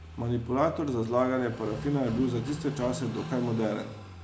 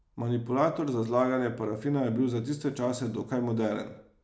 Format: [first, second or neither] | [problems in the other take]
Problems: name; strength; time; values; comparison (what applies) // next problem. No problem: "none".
second | background sound (Car passing by / Idling); 11 dB below the speech